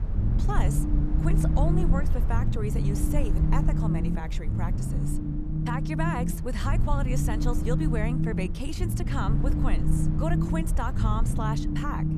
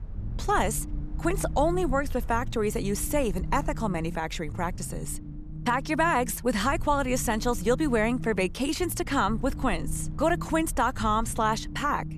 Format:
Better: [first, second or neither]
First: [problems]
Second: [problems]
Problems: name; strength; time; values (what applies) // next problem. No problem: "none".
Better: second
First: low rumble; loud; throughout; 3 dB below the speech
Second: low rumble; faint; throughout; 20 dB below the speech